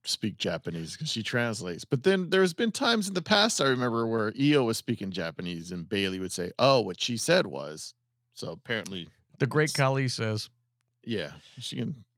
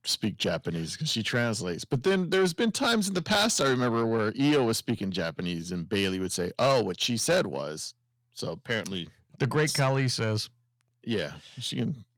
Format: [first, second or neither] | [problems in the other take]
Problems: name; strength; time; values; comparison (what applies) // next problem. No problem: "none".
first | distortion; slight; 10 dB below the speech